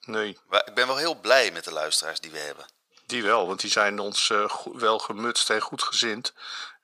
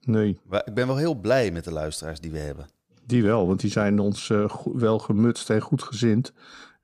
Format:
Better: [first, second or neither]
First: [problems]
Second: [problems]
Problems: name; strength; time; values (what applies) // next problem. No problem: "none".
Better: second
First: thin; very; fading below 850 Hz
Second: none